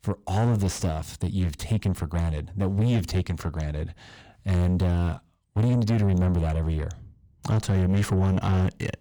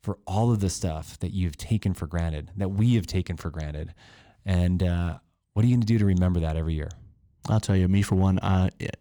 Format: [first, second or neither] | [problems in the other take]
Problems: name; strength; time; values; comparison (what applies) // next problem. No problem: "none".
second | distortion; slight; 9 dB below the speech